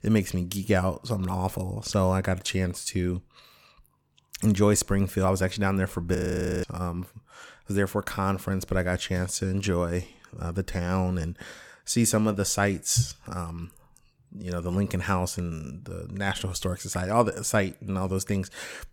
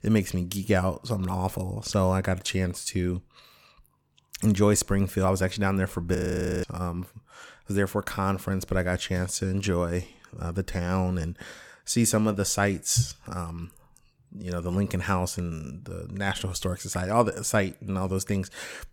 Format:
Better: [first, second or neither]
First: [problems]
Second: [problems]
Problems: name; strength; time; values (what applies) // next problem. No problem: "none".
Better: neither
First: audio freezing; at 6 s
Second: audio freezing; at 6 s